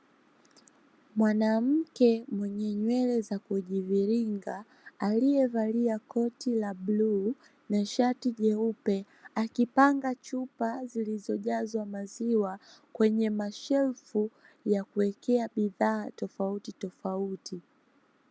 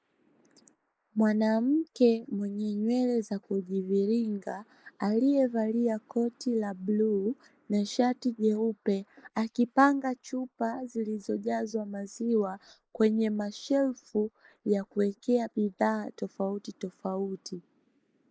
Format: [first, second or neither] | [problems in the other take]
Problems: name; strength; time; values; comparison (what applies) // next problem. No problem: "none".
first | noise reduction (neural mask model Resemble Enhance denoiser)